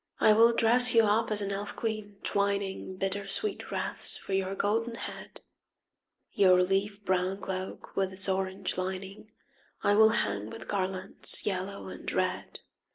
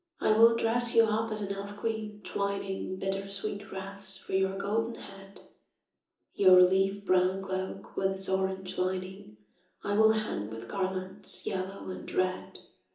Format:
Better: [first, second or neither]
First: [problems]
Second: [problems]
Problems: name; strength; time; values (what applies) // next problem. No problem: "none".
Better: first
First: none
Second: room echo; dies away in 0.7 s